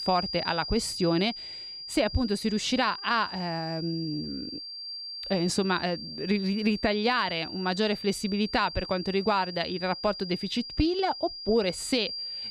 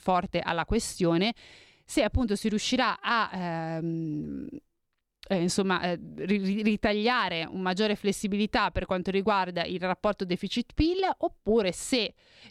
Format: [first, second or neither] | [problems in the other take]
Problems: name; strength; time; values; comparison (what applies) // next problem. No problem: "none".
second | high-pitched whine; loud; throughout; 5 kHz, 8 dB below the speech